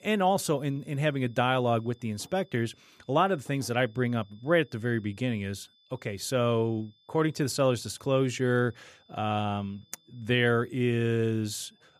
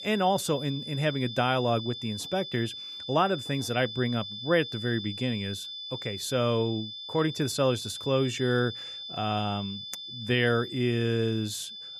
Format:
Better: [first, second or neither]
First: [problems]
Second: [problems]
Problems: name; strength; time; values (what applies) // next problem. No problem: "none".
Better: first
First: high-pitched whine; faint; throughout; 3.5 kHz, 35 dB below the speech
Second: high-pitched whine; loud; throughout; 3.5 kHz, 8 dB below the speech